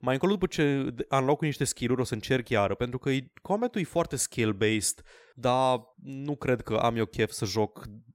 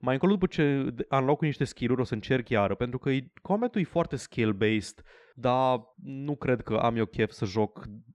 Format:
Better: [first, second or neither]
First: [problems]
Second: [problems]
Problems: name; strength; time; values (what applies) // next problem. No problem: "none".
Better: first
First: none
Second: muffled; slightly; fading above 3.5 kHz